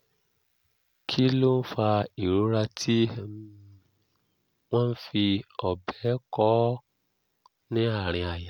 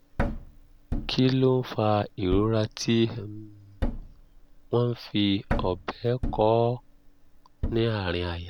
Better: first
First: none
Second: background sound (Thump, thud); 8 dB below the speech

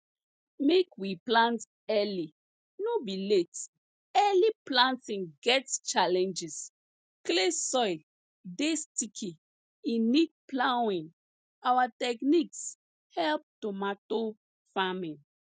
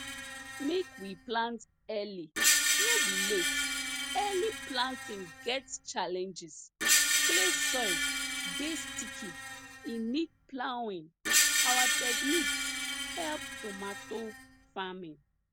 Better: first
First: none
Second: background sound (Screech); 5 dB above the speech

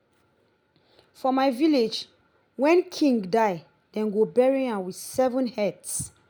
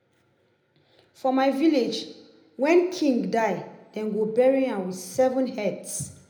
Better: first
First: none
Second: room echo; dies away in 0.7 s

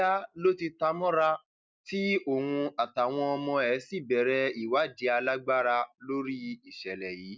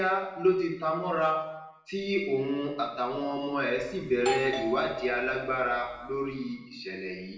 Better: first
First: none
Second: background sound (Doorbell); 9 dB below the speech // room echo; dies away in 0.8 s

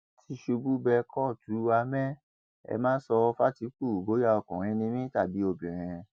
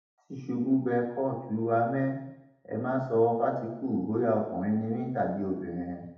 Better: first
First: none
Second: room echo; dies away in 0.8 s

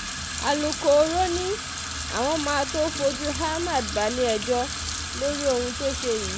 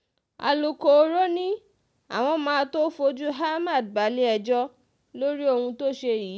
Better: second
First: background sound (Sink (filling or washing) / Water tap, faucet); 5 dB below the speech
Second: none

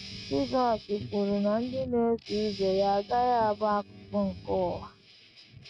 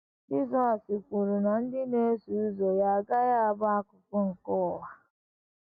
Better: second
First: noise reduction (neural mask model RNNoise)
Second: none

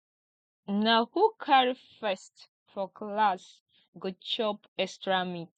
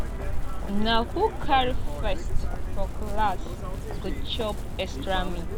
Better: first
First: none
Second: background sound (Chirp, tweet); 4 dB above the speech

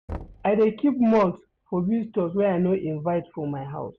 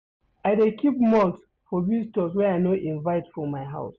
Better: second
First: background sound (Knock); 19 dB below the speech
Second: none

